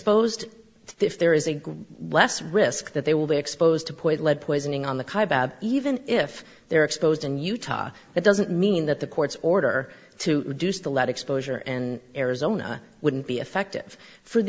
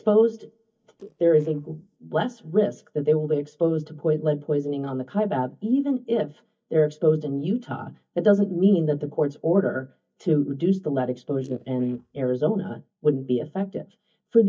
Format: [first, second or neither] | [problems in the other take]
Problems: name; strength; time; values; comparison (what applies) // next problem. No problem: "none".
first | noise reduction (neural mask model DeepFilterNet 3)